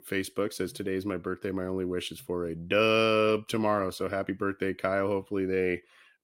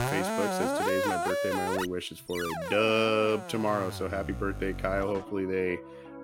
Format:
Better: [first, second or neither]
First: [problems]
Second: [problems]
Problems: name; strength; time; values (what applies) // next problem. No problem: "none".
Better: first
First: none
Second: background music; loud; throughout; 3 dB below the speech